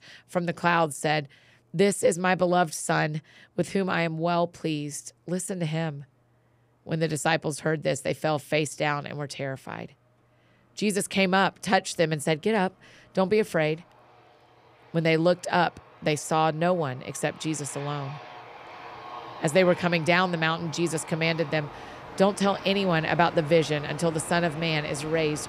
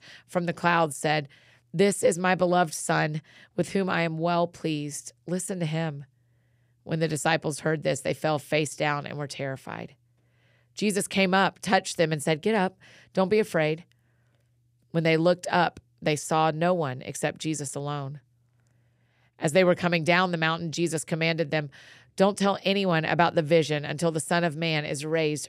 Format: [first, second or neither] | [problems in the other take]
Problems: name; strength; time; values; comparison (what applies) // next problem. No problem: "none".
second | train or aircraft noise; noticeable; throughout; 15 dB below the speech